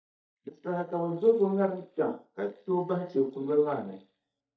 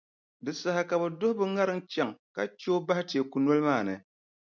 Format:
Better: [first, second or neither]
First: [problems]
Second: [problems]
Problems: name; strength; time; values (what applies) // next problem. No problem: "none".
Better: second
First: noise reduction (neural mask model DeepFilterNet 3)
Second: none